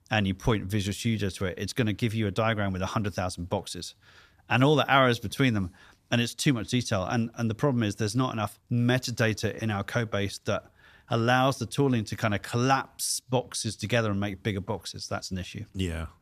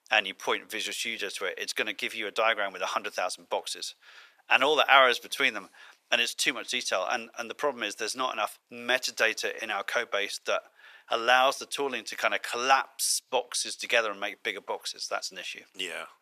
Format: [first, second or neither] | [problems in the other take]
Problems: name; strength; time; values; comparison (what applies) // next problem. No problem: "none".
first | thin; very; fading below 500 Hz